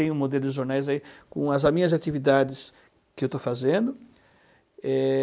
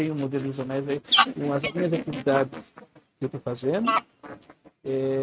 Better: first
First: none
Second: noise reduction (neural mask model RNNoise)

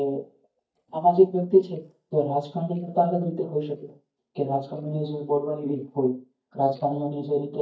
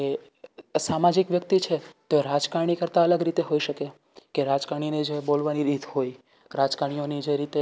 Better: second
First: noise reduction (neural mask model DeepFilterNet 3)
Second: none

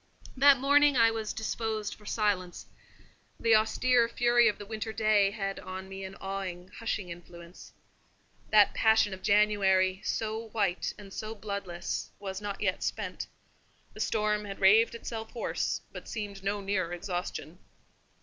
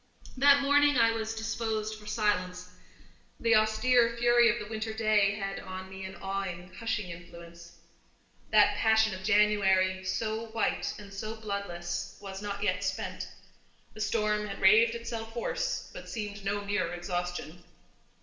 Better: first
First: none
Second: room echo; dies away in 0.8 s

